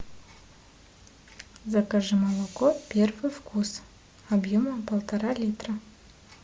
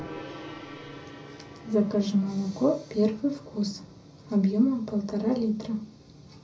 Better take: first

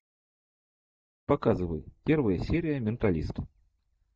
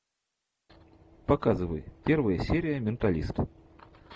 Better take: second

